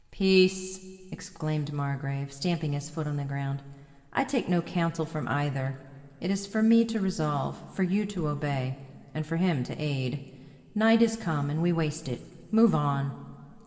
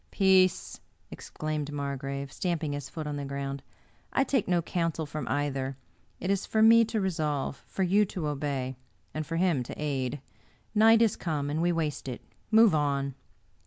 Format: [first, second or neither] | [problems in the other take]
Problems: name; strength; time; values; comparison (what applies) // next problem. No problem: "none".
second | room echo; dies away in 1.9 s